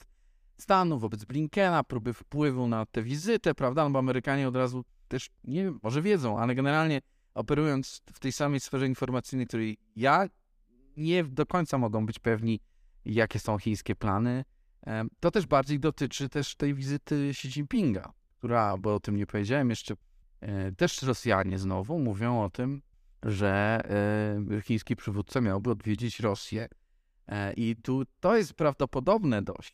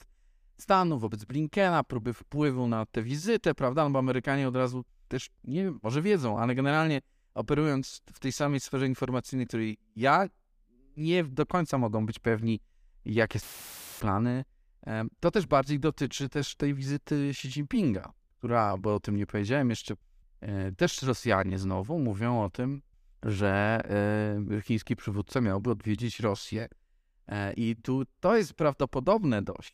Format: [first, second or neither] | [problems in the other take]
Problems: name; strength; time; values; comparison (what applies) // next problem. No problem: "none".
first | audio cutting out; filled with static; at 13 s for 0.5 s